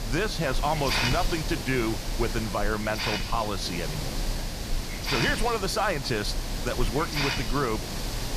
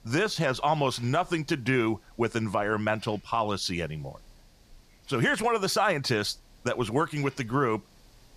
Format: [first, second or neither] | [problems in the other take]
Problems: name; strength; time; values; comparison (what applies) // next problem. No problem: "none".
second | hiss; loud; throughout; 2 dB below the speech; faint in the second